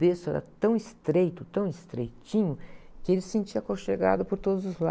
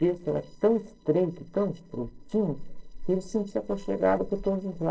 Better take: first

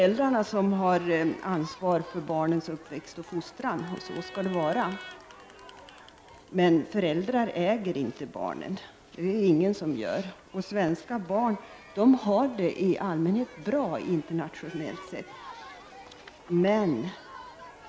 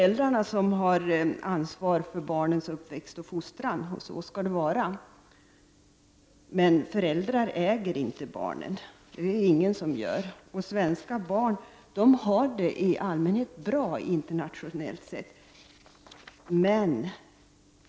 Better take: second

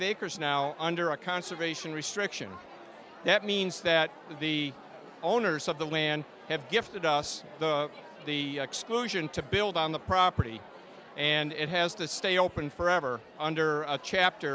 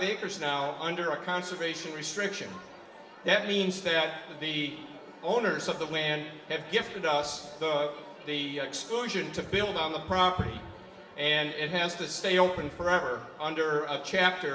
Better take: first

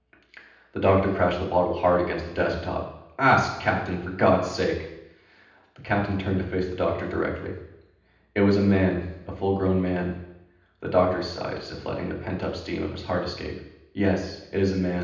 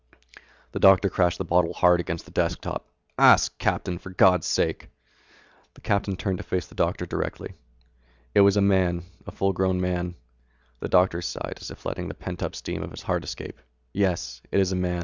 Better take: second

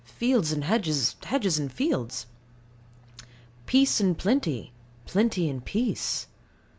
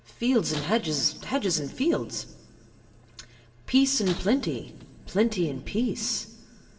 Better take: first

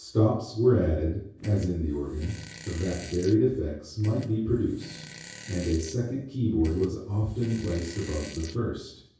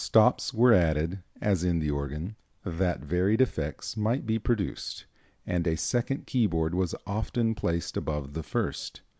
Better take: second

